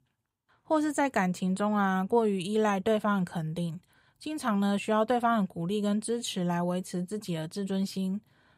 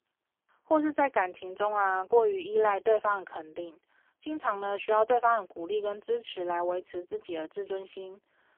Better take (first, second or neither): first